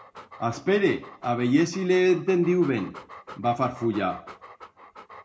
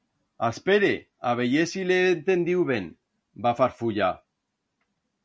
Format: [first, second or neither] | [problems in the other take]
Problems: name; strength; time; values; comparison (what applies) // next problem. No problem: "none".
second | background sound (Dog); 19 dB below the speech // room echo; dies away in 0.4 s